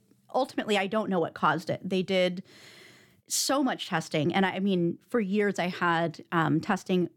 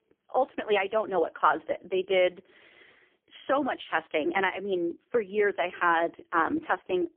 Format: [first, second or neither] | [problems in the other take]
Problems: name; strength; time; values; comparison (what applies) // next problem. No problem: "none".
first | phone-call audio; poor line; nothing above 3.5 kHz